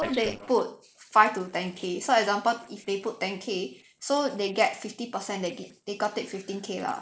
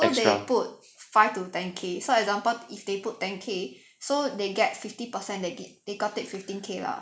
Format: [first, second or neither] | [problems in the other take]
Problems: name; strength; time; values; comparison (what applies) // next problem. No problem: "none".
second | noise reduction (neural separator model SepFormer DNS4)